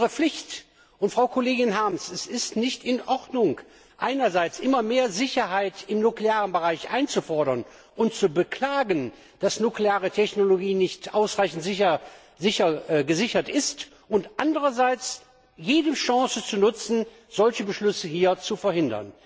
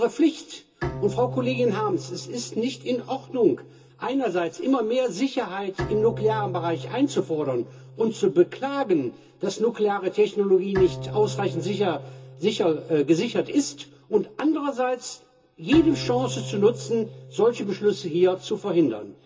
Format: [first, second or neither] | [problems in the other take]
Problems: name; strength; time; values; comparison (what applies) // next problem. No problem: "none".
first | background sound (Bowed string instrument); 13 dB below the speech // room echo; dies away in 0.2 s